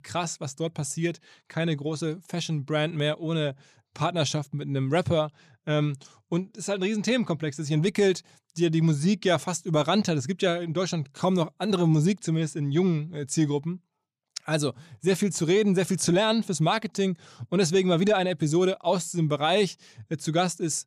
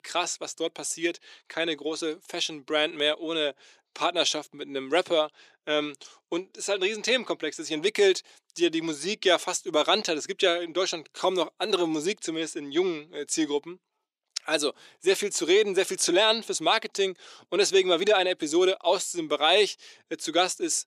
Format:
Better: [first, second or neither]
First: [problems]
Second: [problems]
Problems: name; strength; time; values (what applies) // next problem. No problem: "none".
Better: first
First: none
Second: thin; very; fading below 350 Hz